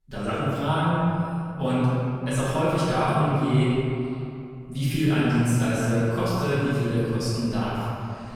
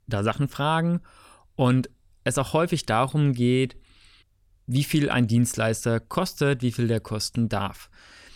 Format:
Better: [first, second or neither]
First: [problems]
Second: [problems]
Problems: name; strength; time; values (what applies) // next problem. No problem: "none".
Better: second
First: room echo; strong; dies away in 2.4 s // off-mic speech; far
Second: none